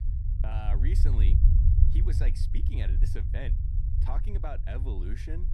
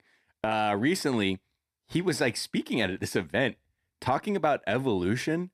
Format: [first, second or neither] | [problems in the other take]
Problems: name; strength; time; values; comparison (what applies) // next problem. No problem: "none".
second | low rumble; loud; throughout; 2 dB below the speech